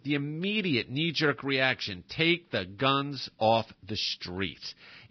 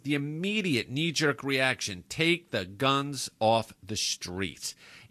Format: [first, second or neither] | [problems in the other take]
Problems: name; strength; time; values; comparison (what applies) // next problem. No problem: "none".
second | garbled, watery; badly; nothing above 5.5 kHz; slightly in the second